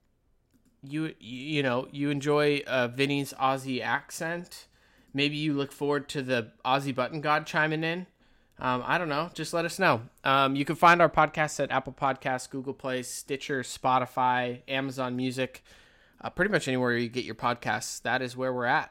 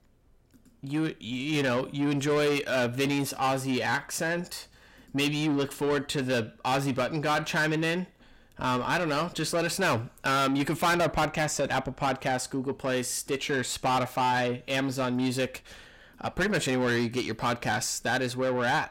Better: first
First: none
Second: distortion; heavy; 6 dB below the speech

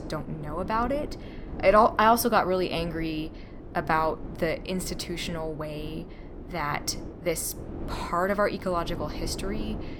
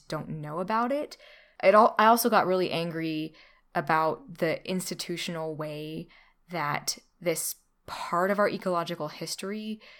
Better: second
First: wind noise on the microphone; occasional gusts; 20 dB below the speech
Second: none

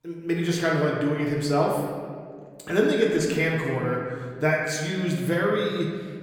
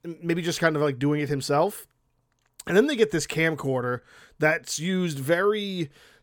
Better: second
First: room echo; noticeable; dies away in 1.7 s // off-mic speech; somewhat distant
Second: none

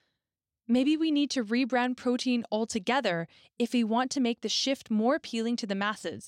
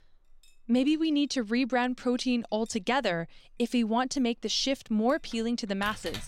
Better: first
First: none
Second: household noises; faint; throughout; 25 dB below the speech

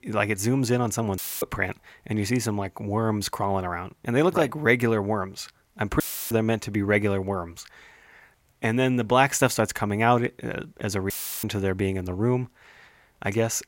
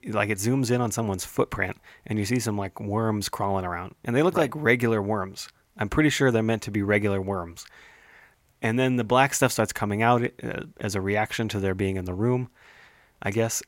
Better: second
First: audio cutting out; filled with static; at 1 s, at 6 s and at 11 s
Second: none

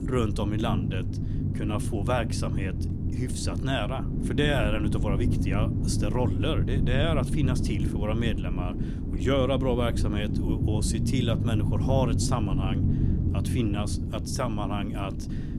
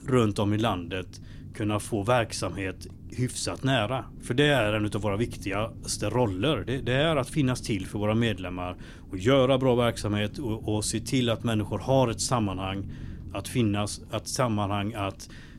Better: second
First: low rumble; loud; throughout; 6 dB below the speech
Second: low rumble; faint; throughout; 25 dB below the speech

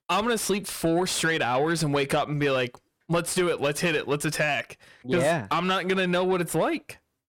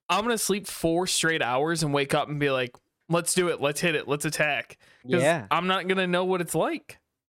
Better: second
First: distortion; slight; 10 dB below the speech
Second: none

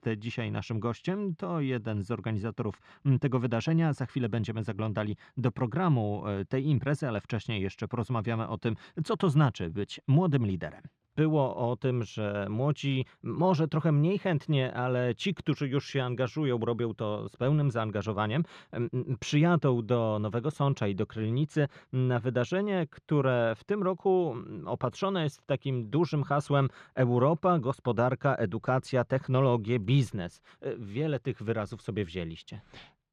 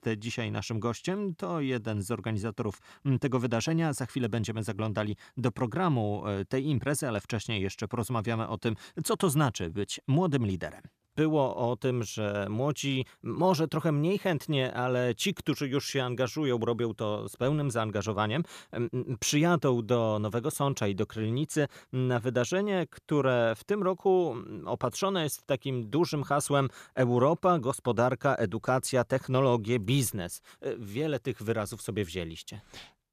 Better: second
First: muffled; slightly; fading above 3.5 kHz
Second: none

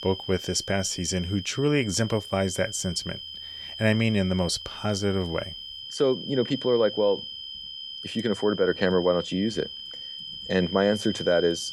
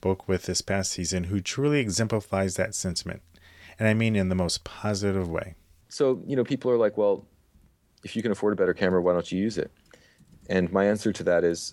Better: second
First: high-pitched whine; loud; throughout; 3 kHz, 10 dB below the speech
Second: none

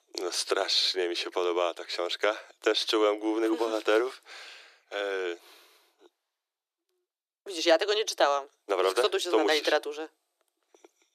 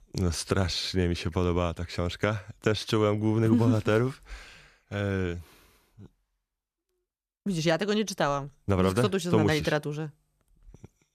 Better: second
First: thin; very; fading below 350 Hz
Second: none

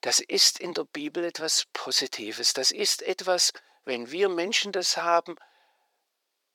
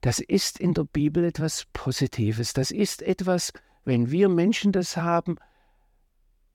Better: second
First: thin; very; fading below 450 Hz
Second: none

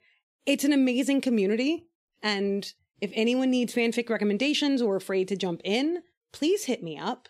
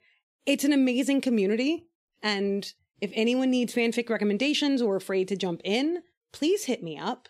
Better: neither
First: none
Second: none

